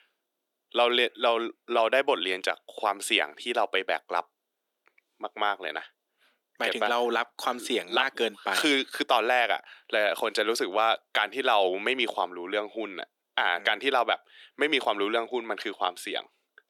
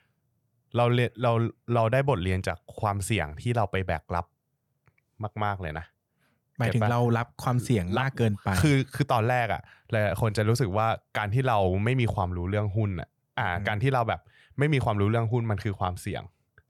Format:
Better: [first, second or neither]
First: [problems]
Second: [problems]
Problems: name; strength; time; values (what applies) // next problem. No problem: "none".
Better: second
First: thin; very; fading below 300 Hz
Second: none